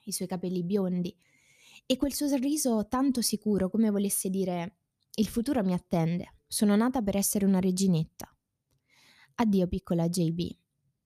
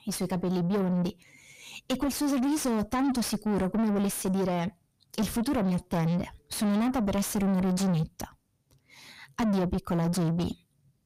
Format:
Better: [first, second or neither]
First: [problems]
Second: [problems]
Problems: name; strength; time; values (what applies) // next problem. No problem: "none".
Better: first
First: none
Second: distortion; heavy; 6 dB below the speech